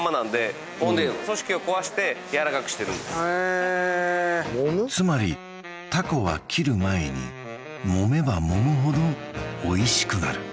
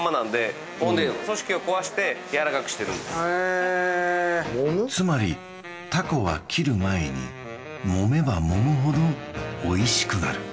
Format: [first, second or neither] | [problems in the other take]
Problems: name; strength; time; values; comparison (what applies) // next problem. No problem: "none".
first | room echo; dies away in 1.1 s